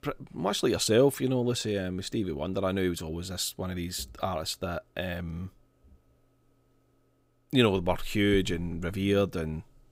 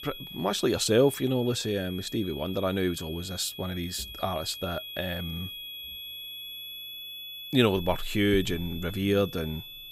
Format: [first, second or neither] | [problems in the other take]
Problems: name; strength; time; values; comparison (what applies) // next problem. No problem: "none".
first | high-pitched whine; noticeable; throughout; 3.5 kHz, 10 dB below the speech